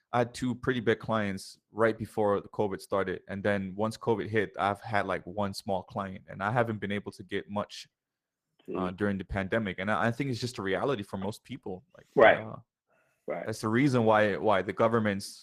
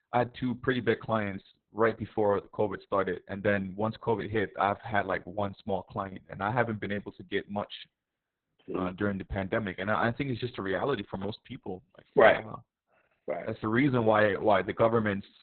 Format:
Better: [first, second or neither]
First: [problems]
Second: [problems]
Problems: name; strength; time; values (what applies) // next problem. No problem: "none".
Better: first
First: garbled, watery; slightly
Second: garbled, watery; badly; nothing above 4 kHz